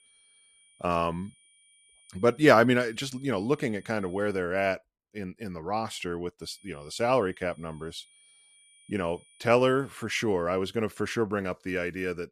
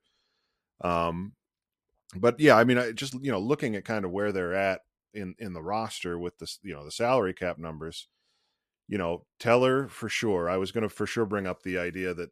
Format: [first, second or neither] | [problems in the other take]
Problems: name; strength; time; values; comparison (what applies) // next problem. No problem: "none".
second | high-pitched whine; faint; until 4.5 s and from 6.5 to 10 s; 9.5 kHz, 30 dB below the speech